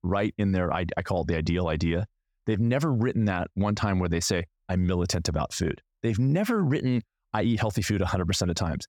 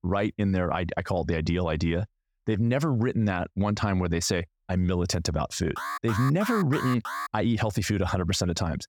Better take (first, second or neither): first